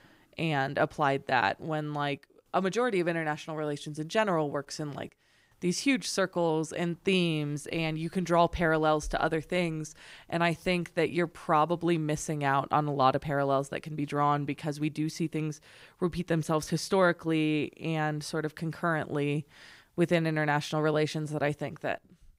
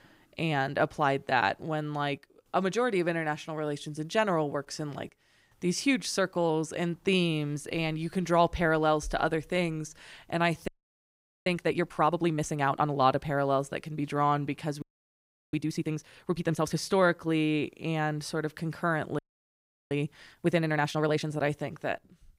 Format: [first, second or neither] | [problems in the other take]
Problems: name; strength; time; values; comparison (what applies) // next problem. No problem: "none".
first | audio freezing; at 11 s for 1 s, at 15 s for 0.5 s and at 19 s for 0.5 s